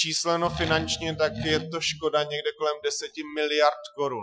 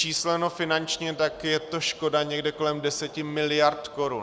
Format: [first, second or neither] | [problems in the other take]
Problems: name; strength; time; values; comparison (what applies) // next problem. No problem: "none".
second | noise reduction (classical method Wiener filter)